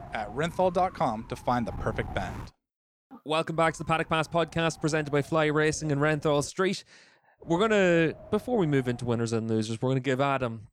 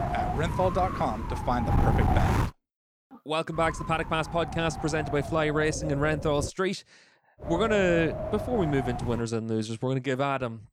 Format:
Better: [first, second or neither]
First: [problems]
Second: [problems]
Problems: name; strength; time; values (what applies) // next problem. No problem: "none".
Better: first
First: wind noise on the microphone; occasional gusts; until 2.5 s, from 3.5 to 6.5 s and from 7.5 to 9 s; 20 dB below the speech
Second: wind noise on the microphone; heavy; until 2.5 s, from 3.5 to 6.5 s and from 7.5 to 9 s; 5 dB below the speech